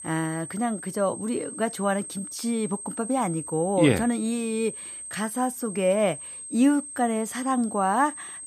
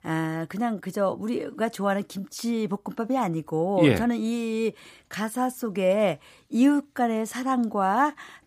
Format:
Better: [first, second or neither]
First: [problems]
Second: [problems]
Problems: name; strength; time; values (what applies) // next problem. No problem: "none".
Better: second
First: high-pitched whine; loud; throughout; 8.5 kHz, 10 dB below the speech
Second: none